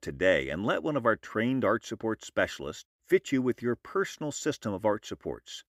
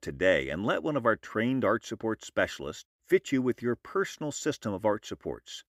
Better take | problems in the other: neither | none

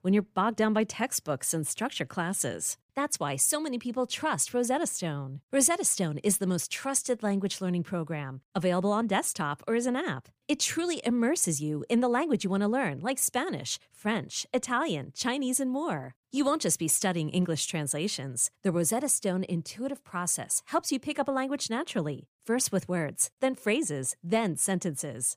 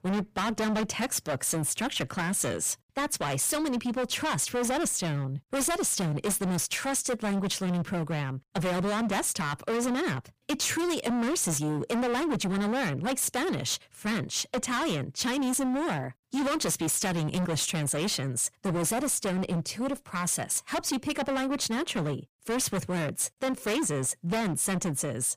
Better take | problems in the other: first | distortion; heavy; 32% of the sound clipped

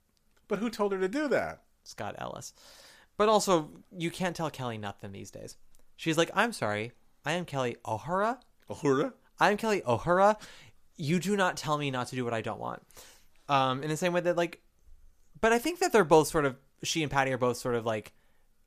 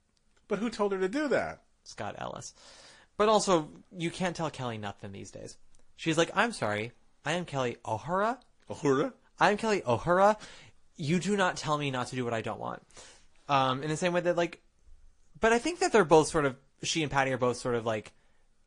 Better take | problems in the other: first | garbled, watery; slightly

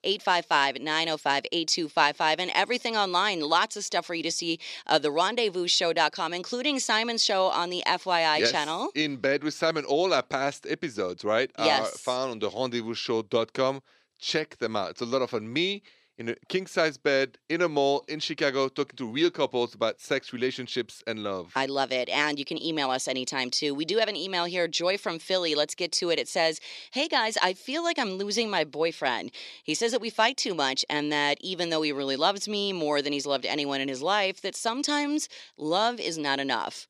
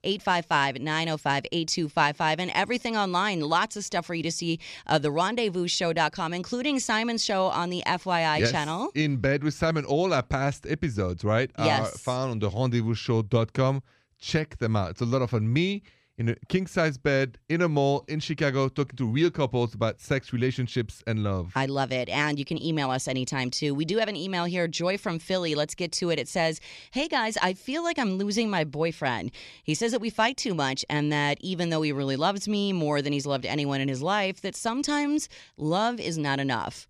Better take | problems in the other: second | thin; somewhat; fading below 350 Hz

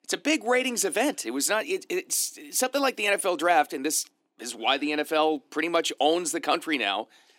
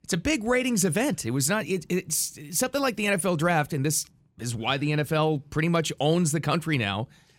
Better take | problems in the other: second | thin; somewhat; fading below 300 Hz

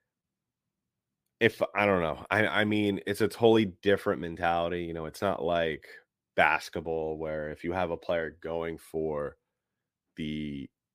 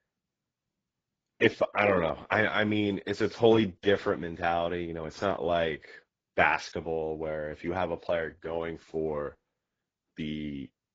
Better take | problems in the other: first | garbled, watery; badly; nothing above 7.5 kHz

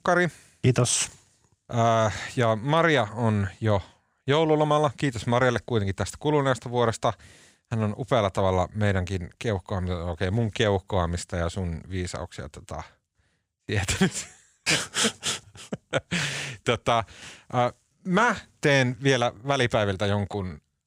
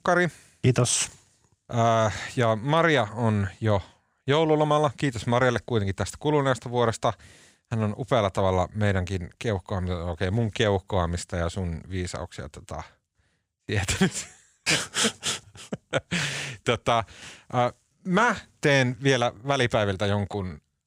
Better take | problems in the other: neither | none

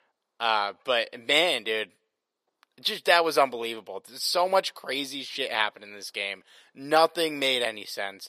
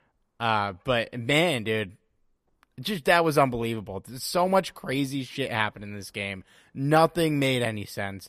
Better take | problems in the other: second | thin; somewhat; fading below 500 Hz

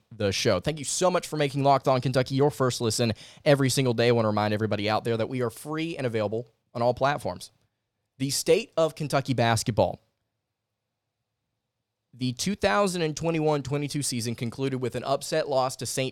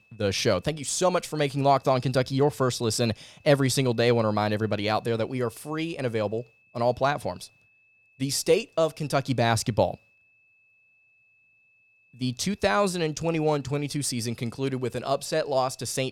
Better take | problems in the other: first | high-pitched whine; faint; throughout; 2.5 kHz, 35 dB below the speech

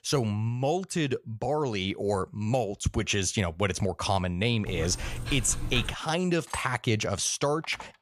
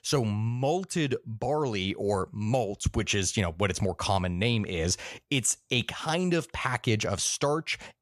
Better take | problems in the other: second | dog barking; noticeable; from 4.5 to 6 s; peak 8 dB below the speech // clattering dishes; faint; at 6.5 s; peak 10 dB below the speech // phone ringing; very faint; at 7.5 s; peak 15 dB below the speech

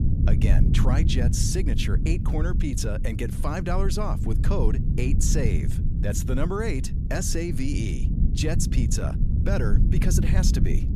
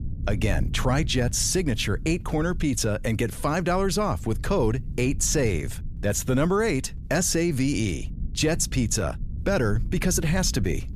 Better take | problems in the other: second | low rumble; loud; throughout; 6 dB below the speech; faint in the second

